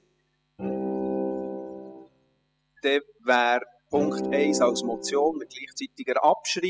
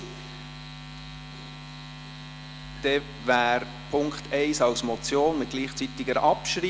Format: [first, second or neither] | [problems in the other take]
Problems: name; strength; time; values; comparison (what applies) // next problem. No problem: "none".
second | noise reduction (classical method spectral subtraction)